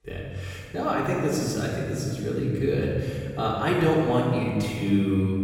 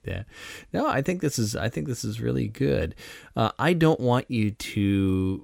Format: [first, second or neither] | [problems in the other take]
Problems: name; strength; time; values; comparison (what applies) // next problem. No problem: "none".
second | off-mic speech; far // room echo; noticeable; dies away in 2 s